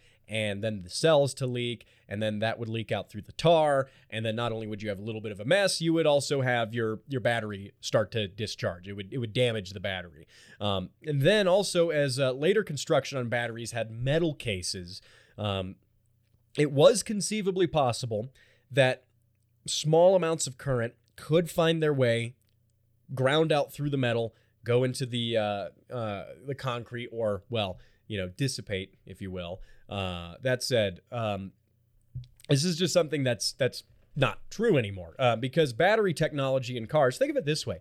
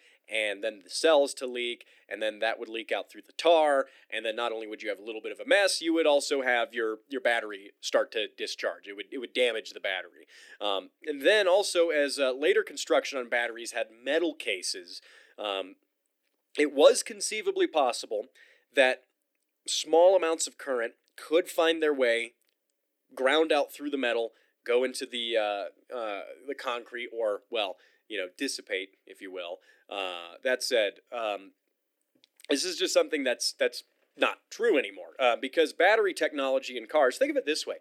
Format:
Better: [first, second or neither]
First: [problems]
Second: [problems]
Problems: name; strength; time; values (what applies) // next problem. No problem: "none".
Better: first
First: none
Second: thin; somewhat; fading below 250 Hz